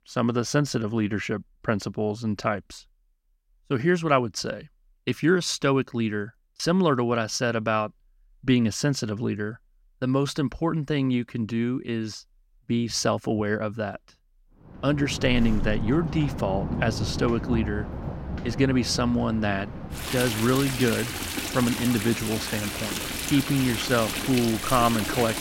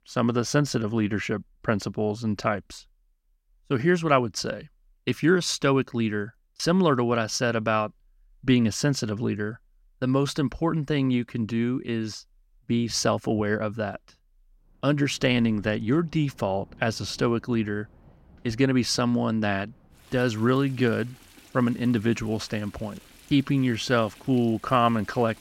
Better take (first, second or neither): second